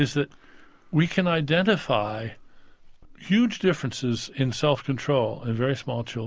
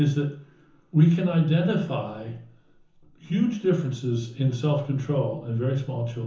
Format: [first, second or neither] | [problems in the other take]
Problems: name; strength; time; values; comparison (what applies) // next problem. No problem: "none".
first | room echo; dies away in 0.7 s